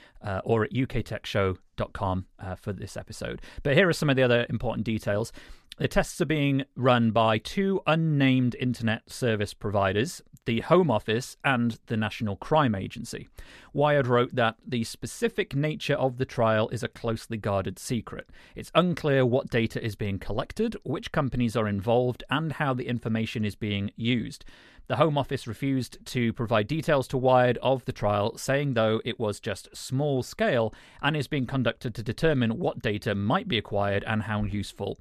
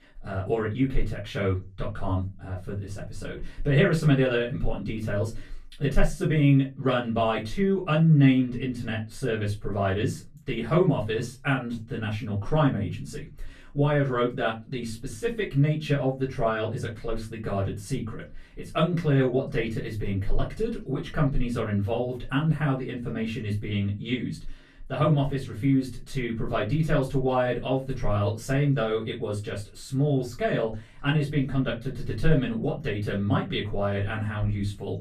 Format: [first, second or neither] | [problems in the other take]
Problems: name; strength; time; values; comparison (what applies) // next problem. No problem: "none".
first | off-mic speech; far // room echo; very slight; dies away in 0.3 s